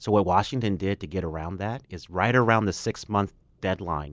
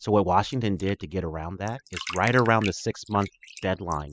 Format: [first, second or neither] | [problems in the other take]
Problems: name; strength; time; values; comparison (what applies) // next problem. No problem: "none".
first | noise reduction (classical method spectral subtraction)